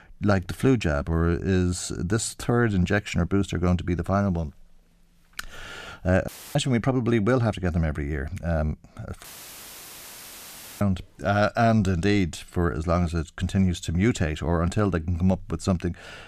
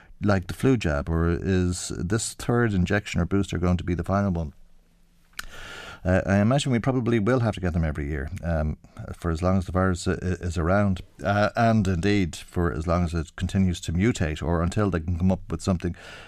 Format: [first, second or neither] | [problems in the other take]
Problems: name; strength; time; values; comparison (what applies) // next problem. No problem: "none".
second | audio cutting out; filled with static; at 6.5 s and at 9 s for 1.5 s